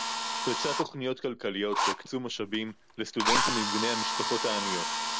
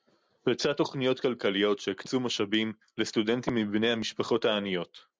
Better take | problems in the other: second | background sound (Drill); 2 dB above the speech

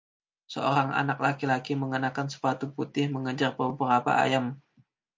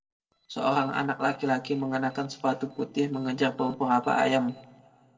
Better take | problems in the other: first | noise reduction (neural separator model SepFormer DNS4)

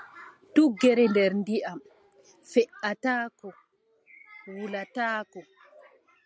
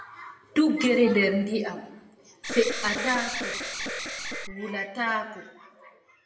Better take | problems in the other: first | background sound (Alarm); 4 dB below the speech // room echo; dies away in 0.8 s

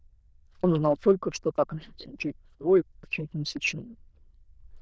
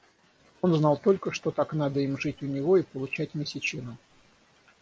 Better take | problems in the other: second | noise reduction (neural diffusion model UNIVERSE++)

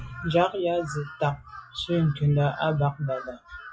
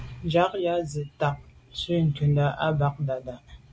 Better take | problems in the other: second | noise reduction (classical method log-MMSE)

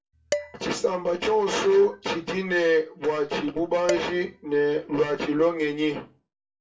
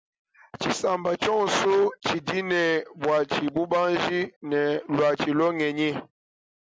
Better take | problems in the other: second | background sound (Dishes, pots, and pans); 13 dB below the speech // room echo; dies away in 0.2 s

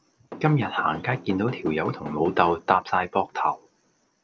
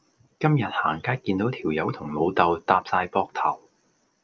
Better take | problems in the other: second | background sound (Knock / Wood); 14 dB below the speech

